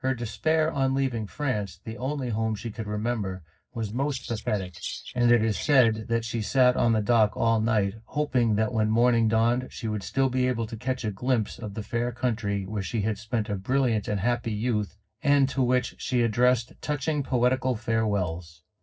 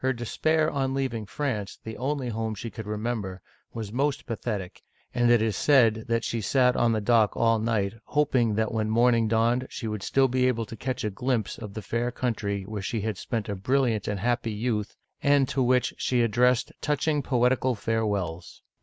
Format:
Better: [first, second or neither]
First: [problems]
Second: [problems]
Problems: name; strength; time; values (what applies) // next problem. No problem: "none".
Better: second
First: noise reduction (neural separator model SepFormer DNS4)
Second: none